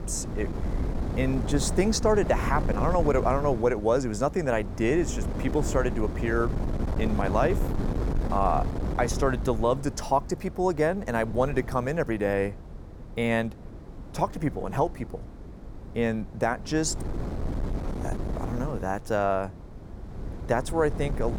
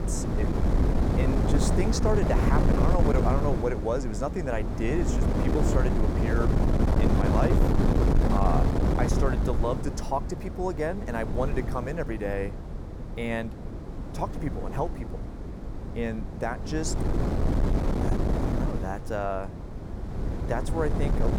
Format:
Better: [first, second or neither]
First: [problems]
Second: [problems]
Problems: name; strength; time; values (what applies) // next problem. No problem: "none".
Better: first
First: wind noise on the microphone; occasional gusts; 10 dB below the speech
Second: wind noise on the microphone; heavy; 2 dB below the speech